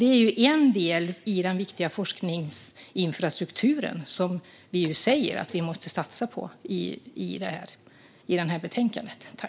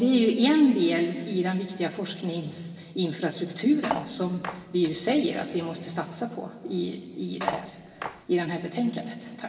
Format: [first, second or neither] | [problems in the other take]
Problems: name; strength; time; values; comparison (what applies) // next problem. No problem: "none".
first | background sound (Cutlery, silverware); 9 dB below the speech // room echo; dies away in 2.6 s